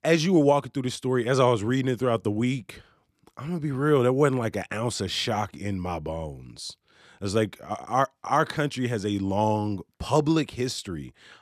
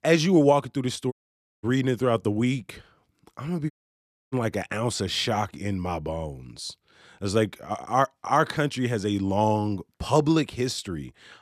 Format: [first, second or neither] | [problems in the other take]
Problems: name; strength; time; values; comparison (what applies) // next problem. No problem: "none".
first | audio cutting out; at 1 s for 0.5 s and at 3.5 s for 0.5 s